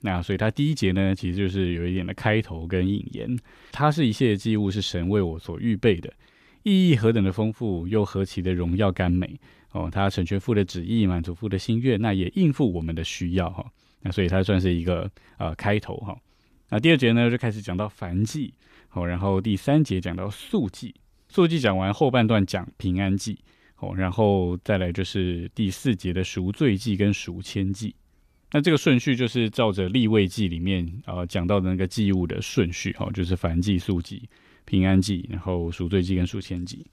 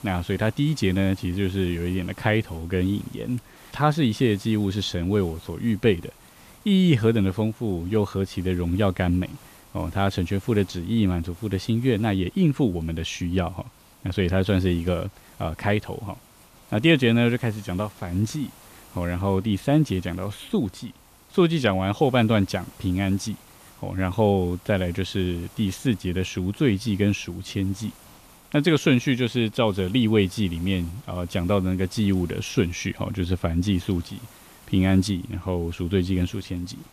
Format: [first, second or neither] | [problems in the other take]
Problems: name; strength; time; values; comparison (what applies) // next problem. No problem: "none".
first | hiss; faint; throughout; 25 dB below the speech